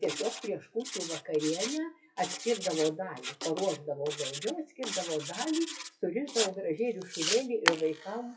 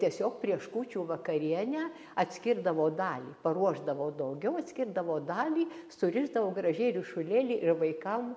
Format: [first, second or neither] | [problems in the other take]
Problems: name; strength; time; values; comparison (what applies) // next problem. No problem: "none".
second | noise reduction (classical method WPE with log-MMSE)